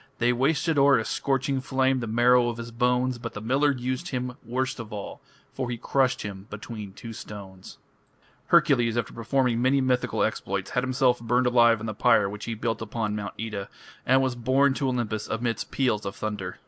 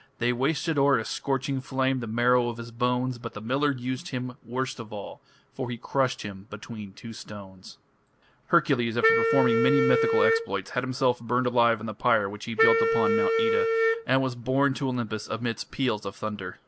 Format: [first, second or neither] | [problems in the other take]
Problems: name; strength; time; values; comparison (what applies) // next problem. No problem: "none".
first | background sound (Wind instrument, woodwind instrument); 2 dB above the speech